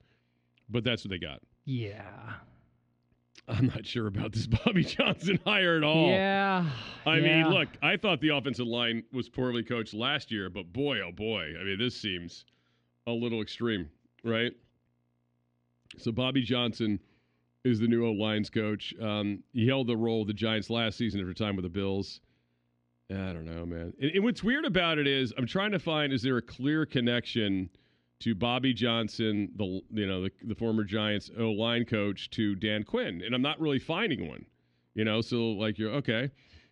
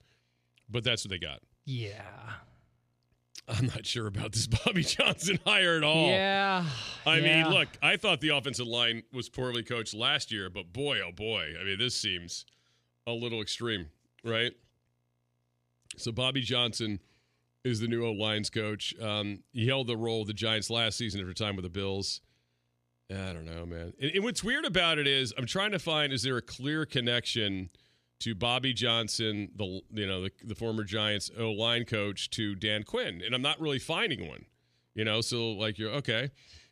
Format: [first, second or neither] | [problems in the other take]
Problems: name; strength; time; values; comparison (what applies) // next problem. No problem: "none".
second | muffled; slightly; fading above 3 kHz